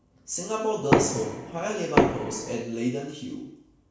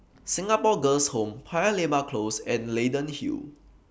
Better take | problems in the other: second | background sound (Knock); 5 dB above the speech // room echo; dies away in 0.7 s

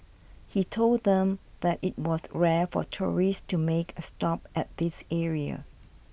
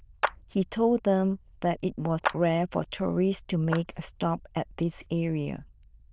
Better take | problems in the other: first | noise reduction (neural diffusion model UNIVERSE++)

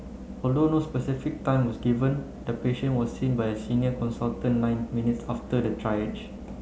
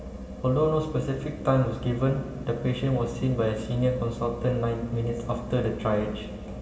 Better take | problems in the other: first | room echo; dies away in 2.6 s

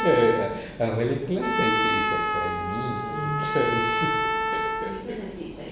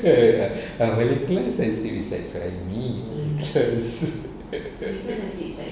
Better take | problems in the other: second | background sound (Trumpet); as loud as the speech

